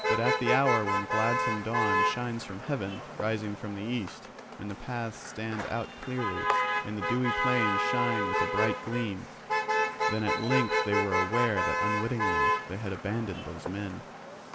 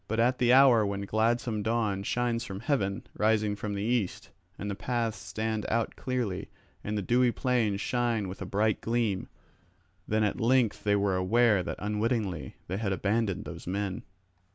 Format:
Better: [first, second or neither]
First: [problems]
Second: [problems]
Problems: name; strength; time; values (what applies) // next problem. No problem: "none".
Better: second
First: background sound (Motor vehicle (road)); 2 dB above the speech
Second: none